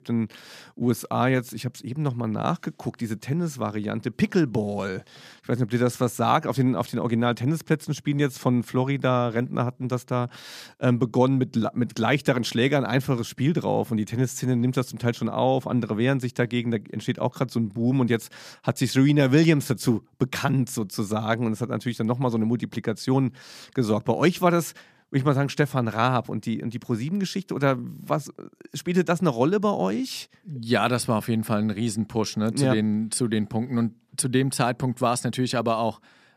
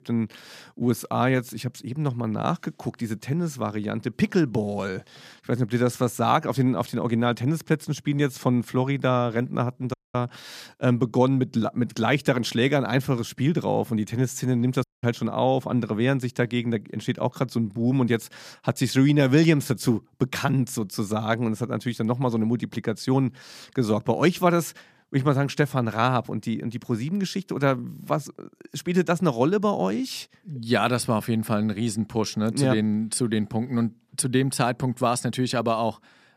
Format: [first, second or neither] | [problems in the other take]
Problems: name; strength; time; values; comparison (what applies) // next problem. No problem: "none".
first | audio cutting out; at 10 s and at 15 s